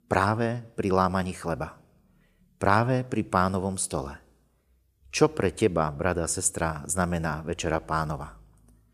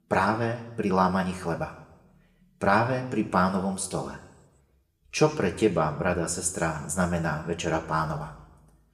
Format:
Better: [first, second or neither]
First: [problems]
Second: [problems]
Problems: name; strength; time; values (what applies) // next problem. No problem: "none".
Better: first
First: none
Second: room echo; very slight; dies away in 0.8 s // off-mic speech; somewhat distant